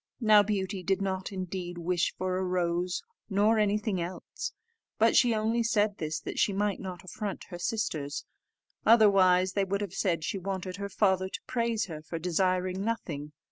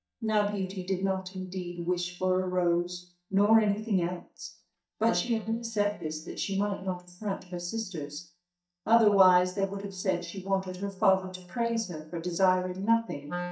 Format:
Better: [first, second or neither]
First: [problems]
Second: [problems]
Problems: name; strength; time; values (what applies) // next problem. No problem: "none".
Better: first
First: none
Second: noise reduction (neural mask model DeepFilterNet 3)